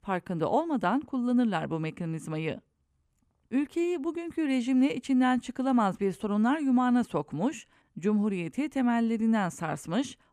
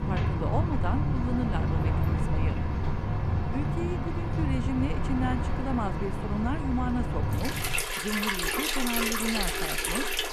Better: first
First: none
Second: rain or running water; very loud; throughout; 5 dB above the speech

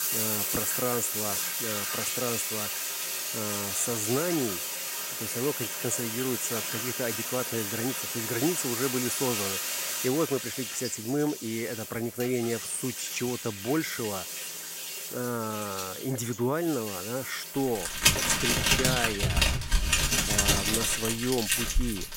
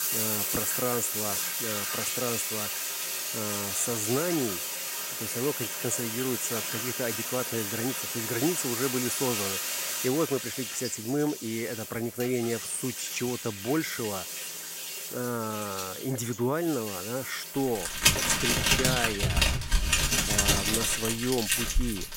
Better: neither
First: household noises; very loud; throughout; 3 dB above the speech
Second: household noises; very loud; throughout; 3 dB above the speech

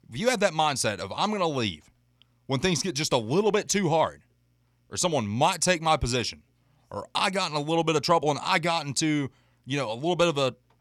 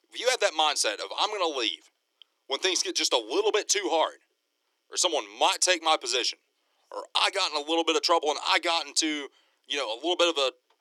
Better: first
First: none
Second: thin; very; fading below 300 Hz

